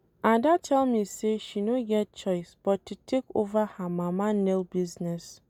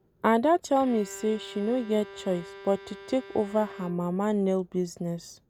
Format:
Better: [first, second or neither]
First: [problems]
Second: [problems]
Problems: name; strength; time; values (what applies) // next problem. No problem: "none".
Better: first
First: none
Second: background sound (Bowed string instrument); 19 dB below the speech